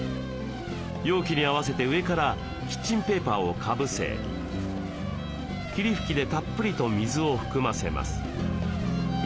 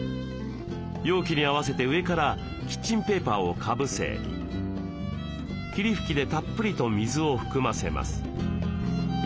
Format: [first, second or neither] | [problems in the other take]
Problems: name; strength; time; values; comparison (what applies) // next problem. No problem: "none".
second | background sound (Race car, auto racing / Accelerating, revving, vroom / Mechanisms); 15 dB below the speech